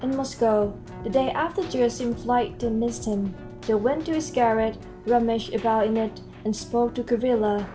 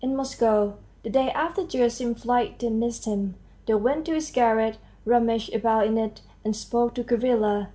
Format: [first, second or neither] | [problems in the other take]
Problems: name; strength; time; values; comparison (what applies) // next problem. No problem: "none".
second | background sound (Keyboard (musical)); 14 dB below the speech